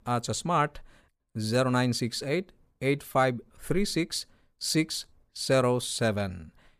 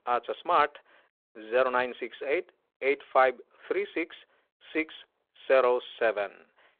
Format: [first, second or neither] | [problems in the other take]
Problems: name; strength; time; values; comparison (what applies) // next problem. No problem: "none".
first | phone-call audio; nothing above 3.5 kHz